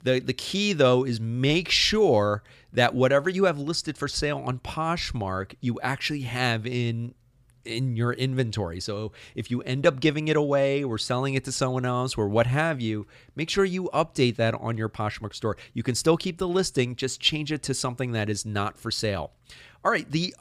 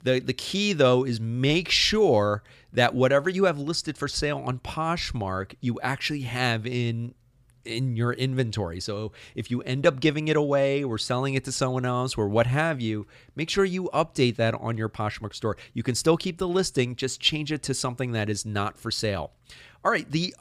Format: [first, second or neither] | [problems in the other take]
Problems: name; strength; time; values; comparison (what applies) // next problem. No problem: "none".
neither | none